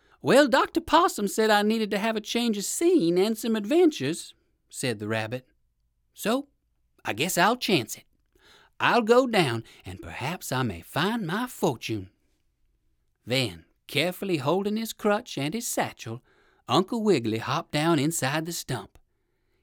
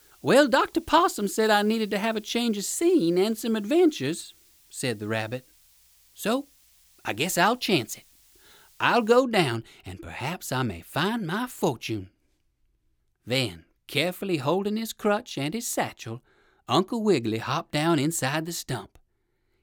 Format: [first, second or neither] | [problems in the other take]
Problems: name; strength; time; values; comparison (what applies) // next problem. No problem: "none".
first | hiss; faint; until 9 s; 30 dB below the speech